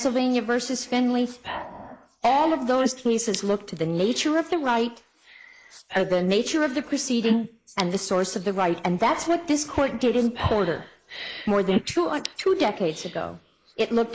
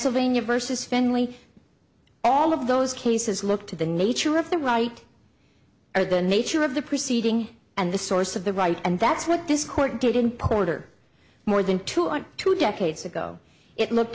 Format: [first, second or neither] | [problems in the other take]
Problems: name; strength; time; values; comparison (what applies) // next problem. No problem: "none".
second | noise reduction (neural mask model Resemble Enhance denoiser)